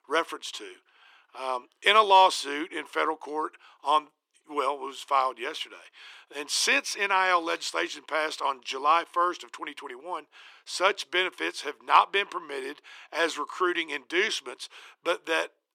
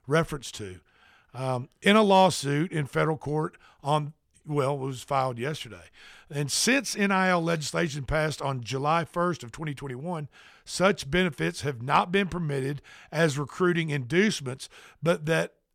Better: second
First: thin; very; fading below 300 Hz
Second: none

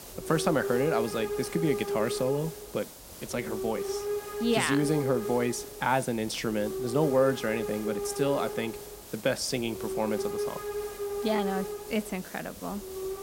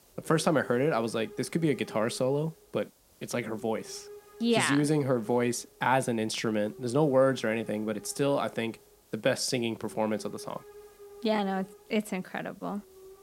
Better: second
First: hiss; loud; throughout; 5 dB below the speech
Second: hiss; faint; throughout; 20 dB below the speech

